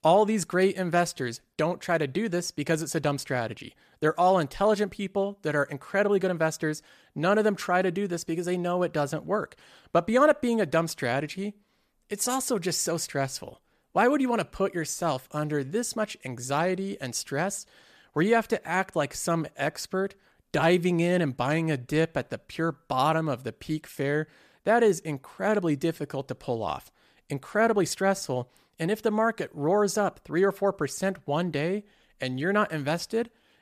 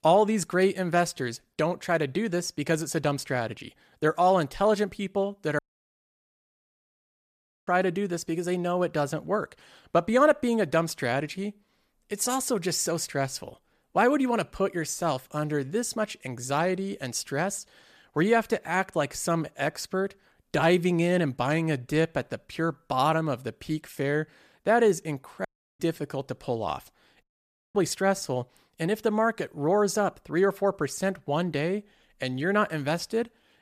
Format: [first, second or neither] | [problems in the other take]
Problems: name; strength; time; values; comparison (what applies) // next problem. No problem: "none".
first | audio cutting out; at 5.5 s for 2 s, at 25 s and at 27 s for 0.5 s